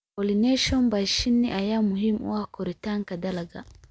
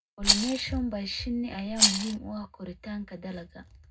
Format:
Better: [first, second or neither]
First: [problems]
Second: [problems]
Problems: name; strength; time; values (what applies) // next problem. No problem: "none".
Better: first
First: none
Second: background sound (Rattle); 4 dB above the speech // room echo; dies away in 0.3 s